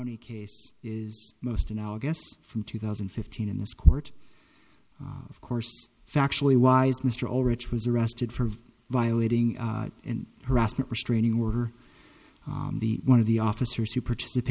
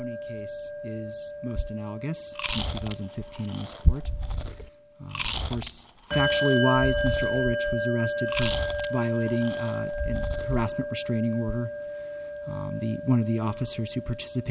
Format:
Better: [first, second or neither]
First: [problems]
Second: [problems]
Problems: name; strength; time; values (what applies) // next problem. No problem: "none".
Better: first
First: none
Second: background sound (Bell + Chewing, mastication); 2 dB below the speech